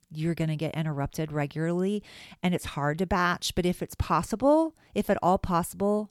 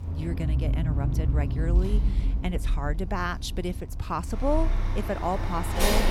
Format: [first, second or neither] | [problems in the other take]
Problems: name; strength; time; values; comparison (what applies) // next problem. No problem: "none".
first | traffic noise; very loud; throughout; 4 dB above the speech